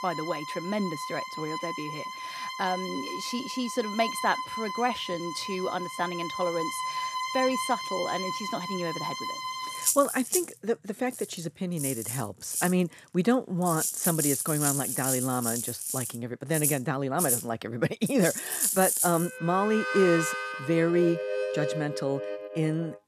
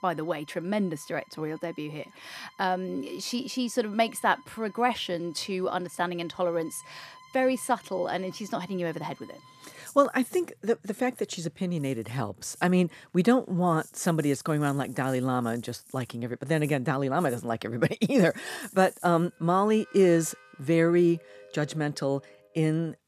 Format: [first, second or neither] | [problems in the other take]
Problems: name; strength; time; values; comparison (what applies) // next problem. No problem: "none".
second | background music; loud; throughout; 2 dB below the speech; faint in the second